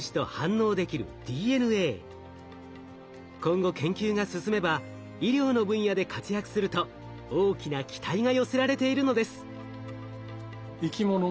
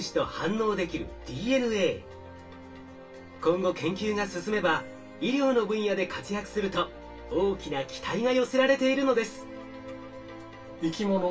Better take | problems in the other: first | room echo; dies away in 0.2 s

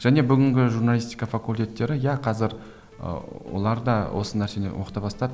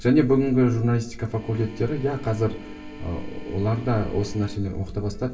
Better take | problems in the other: first | background sound (Organ); 17 dB below the speech // room echo; dies away in 0.2 s

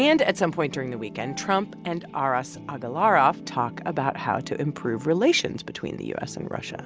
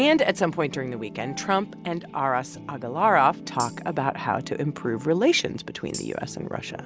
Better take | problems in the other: first | background sound (Tambourine); 17 dB below the speech

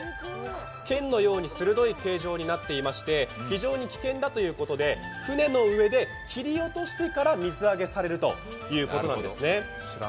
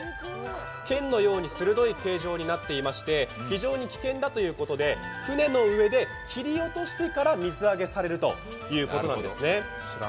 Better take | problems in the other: first | background sound (Trumpet); 19 dB below the speech

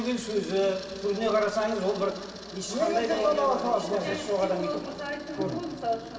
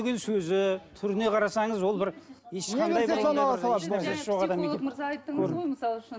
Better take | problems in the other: second | background sound (Camera); 19 dB below the speech // room echo; dies away in 2.6 s

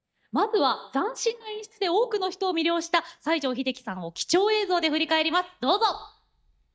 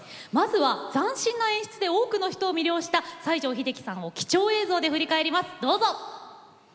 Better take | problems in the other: second | noise reduction (neural mask model DeepFilterNet 3)

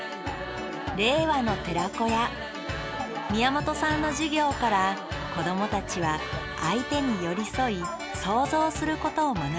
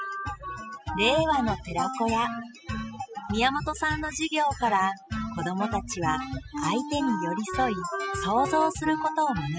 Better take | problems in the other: first | noise reduction (classical method spectral subtraction)

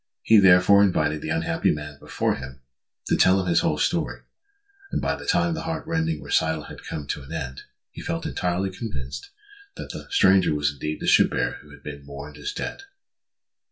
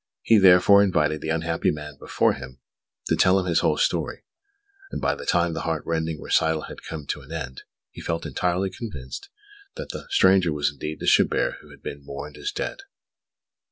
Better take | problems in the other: second | room echo; dies away in 0.2 s

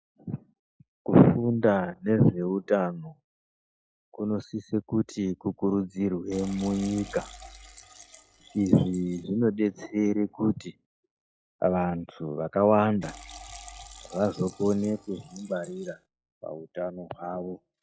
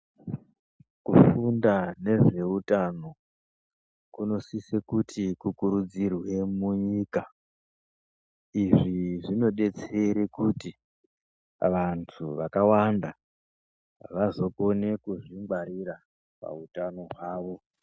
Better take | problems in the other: second | noise reduction (classical method log-MMSE)

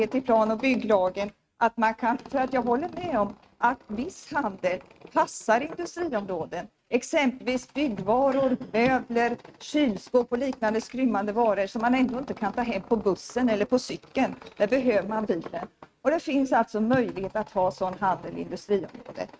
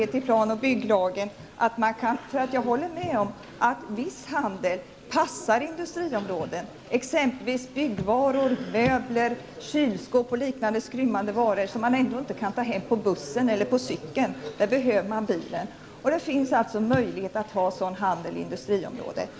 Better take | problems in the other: second | noise reduction (neural mask model RNNoise)

